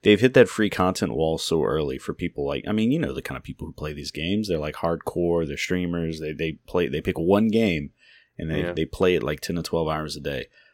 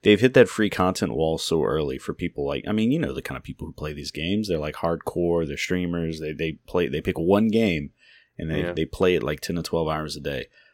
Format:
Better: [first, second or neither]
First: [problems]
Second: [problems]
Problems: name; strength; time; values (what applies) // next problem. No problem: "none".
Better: neither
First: none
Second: none